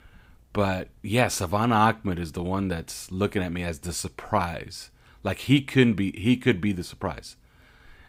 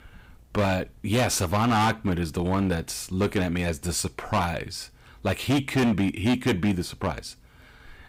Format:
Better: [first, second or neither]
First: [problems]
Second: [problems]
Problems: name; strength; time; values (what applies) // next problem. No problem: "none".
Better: first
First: none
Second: distortion; heavy; 9% of the sound clipped